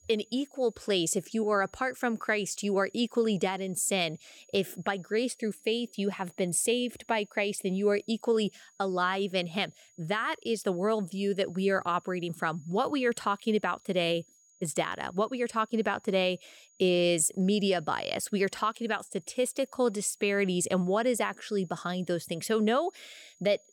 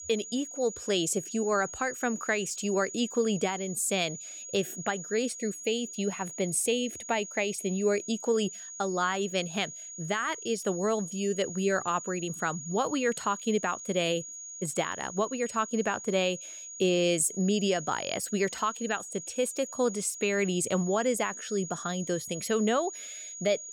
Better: first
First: high-pitched whine; faint; throughout; 6.5 kHz, 30 dB below the speech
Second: high-pitched whine; loud; throughout; 6.5 kHz, 10 dB below the speech

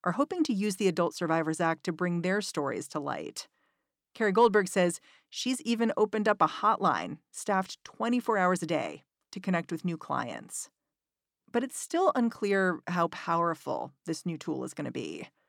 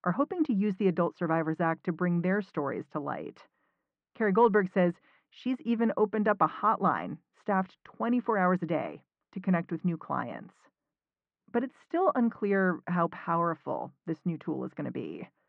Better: first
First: none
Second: muffled; very; fading above 2 kHz

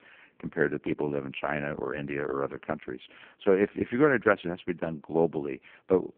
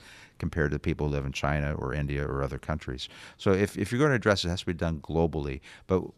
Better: second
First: phone-call audio; poor line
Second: none

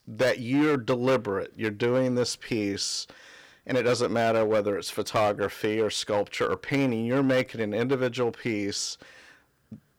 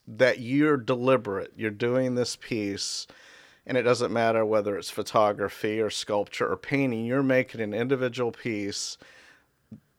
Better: second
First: distortion; slight; 6% of the sound clipped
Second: none

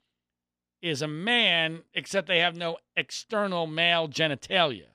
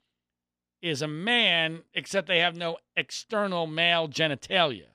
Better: neither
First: none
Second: none

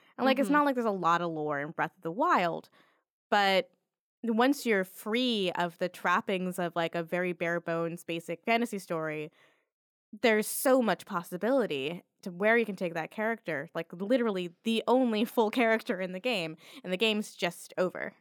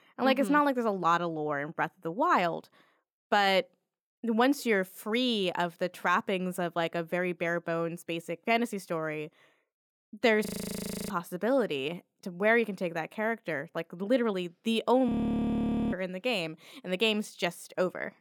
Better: first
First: none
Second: audio freezing; at 10 s for 0.5 s and at 15 s for 1 s

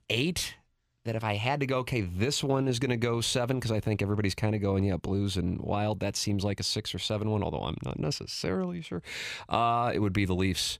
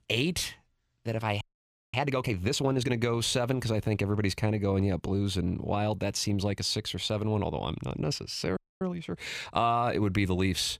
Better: first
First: none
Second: audio freezing; at 1.5 s for 0.5 s and at 8.5 s

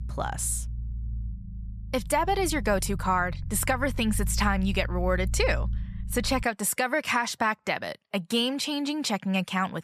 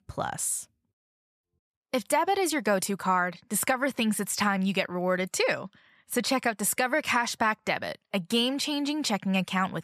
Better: second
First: low rumble; faint; until 6.5 s; 25 dB below the speech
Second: none

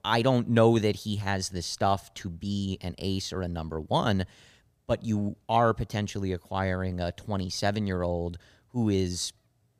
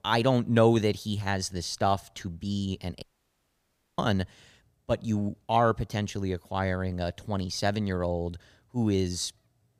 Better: first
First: none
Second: audio cutting out; at 3 s for 1 s

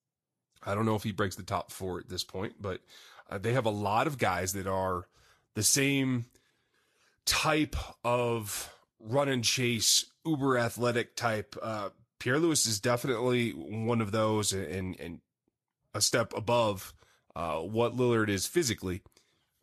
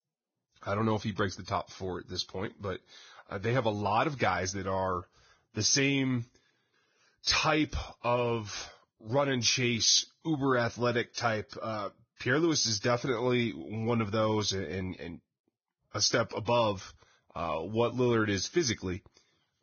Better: first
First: garbled, watery; slightly; nothing above 12.5 kHz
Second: garbled, watery; badly; nothing above 6.5 kHz

